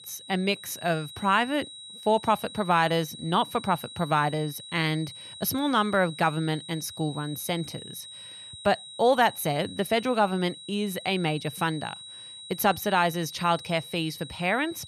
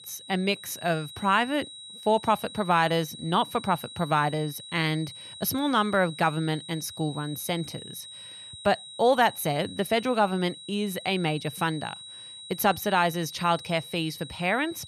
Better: neither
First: high-pitched whine; noticeable; throughout; 4 kHz, 15 dB below the speech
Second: high-pitched whine; noticeable; throughout; 4 kHz, 15 dB below the speech

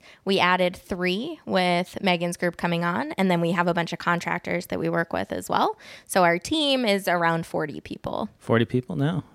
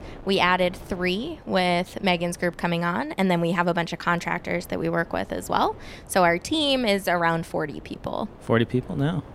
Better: first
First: none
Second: wind noise on the microphone; occasional gusts; 25 dB below the speech

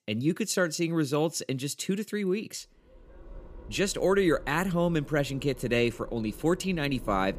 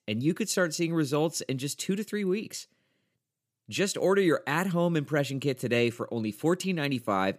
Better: second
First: train or aircraft noise; noticeable; from 3 s on; 20 dB below the speech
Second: none

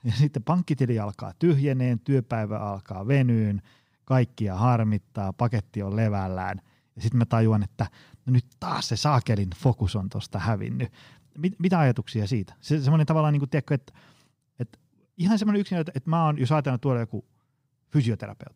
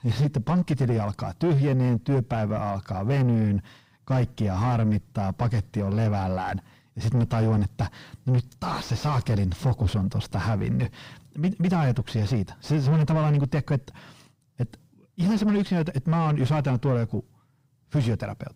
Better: first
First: none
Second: distortion; heavy; 6 dB below the speech

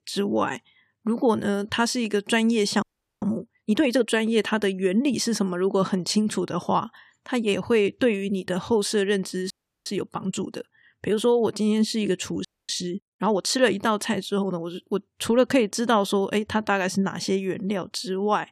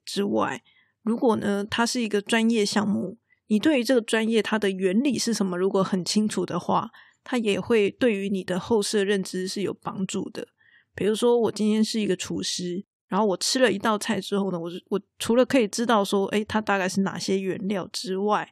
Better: second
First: audio freezing; at 3 s, at 9.5 s and at 12 s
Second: none

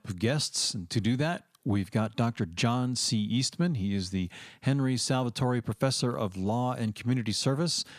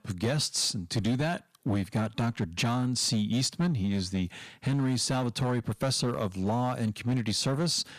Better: first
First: none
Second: distortion; slight; 8% of the sound clipped

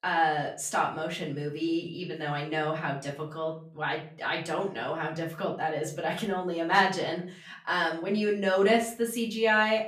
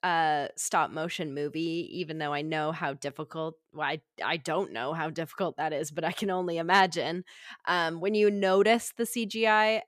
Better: second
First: off-mic speech; far // room echo; slight; dies away in 0.4 s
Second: none

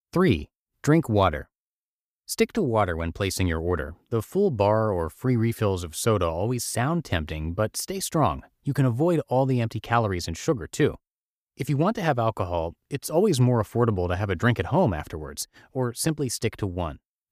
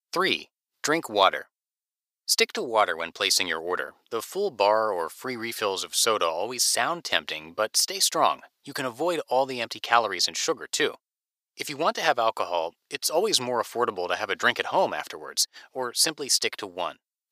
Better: first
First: none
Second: thin; very; fading below 600 Hz

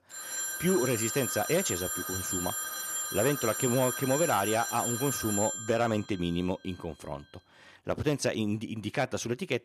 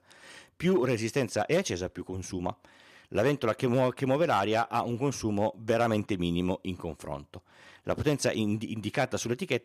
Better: second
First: phone ringing; noticeable; until 6 s; peak level with the speech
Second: none

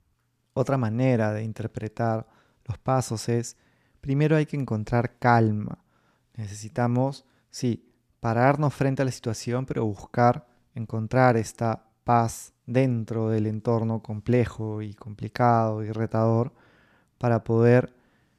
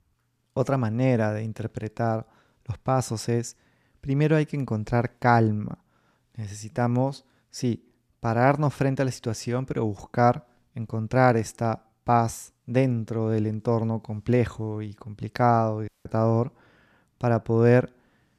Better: first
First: none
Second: audio cutting out; at 16 s

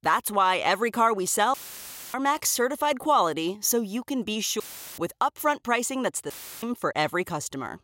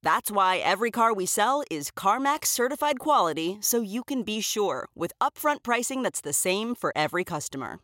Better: second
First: audio cutting out; filled with static; at 1.5 s for 0.5 s, at 4.5 s and at 6.5 s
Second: none

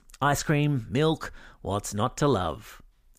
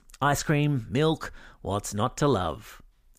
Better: neither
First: none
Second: none

